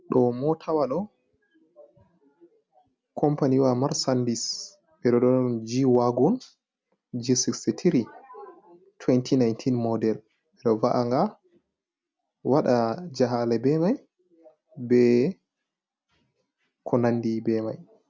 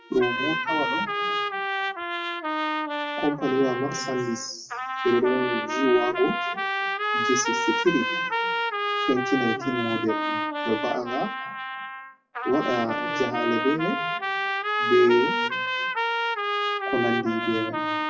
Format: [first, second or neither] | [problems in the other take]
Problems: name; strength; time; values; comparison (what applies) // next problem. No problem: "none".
first | noise reduction (classical method WPE with log-MMSE)